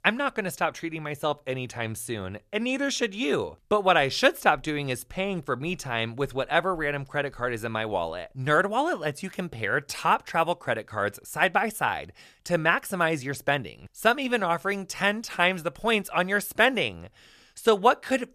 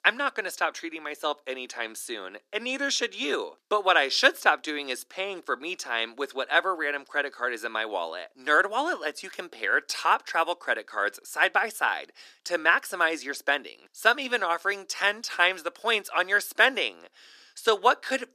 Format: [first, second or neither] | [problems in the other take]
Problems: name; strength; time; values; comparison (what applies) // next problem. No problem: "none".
first | thin; somewhat; fading below 250 Hz